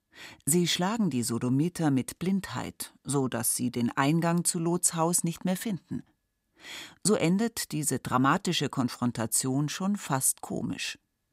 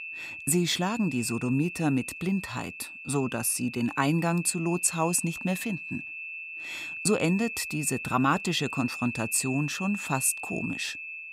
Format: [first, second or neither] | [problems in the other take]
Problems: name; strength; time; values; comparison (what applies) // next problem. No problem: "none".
first | high-pitched whine; loud; throughout; 2.5 kHz, 8 dB below the speech